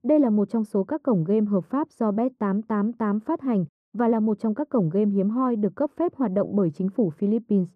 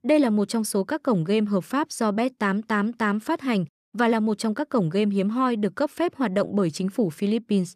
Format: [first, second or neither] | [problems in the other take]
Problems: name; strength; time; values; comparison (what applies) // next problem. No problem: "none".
second | muffled; very; fading above 1.5 kHz